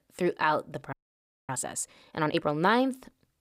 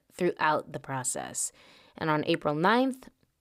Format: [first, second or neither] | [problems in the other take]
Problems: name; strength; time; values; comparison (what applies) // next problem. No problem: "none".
second | audio freezing; at 1 s for 0.5 s